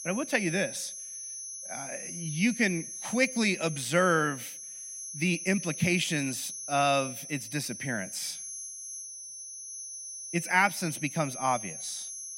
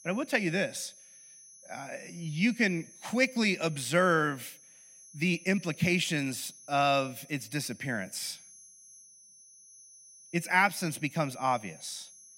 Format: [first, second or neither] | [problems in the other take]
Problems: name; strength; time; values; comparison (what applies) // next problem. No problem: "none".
second | high-pitched whine; loud; throughout; 6 kHz, 9 dB below the speech; faint in the second